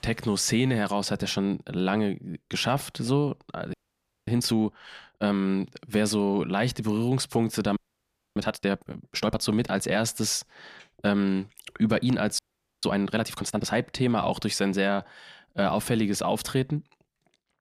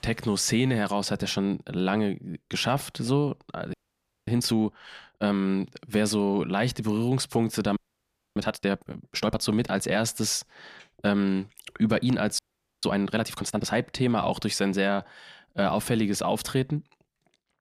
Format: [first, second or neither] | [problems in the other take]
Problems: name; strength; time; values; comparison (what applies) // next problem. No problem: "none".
neither | audio freezing; at 3.5 s for 0.5 s, at 8 s for 0.5 s and at 12 s; the same in both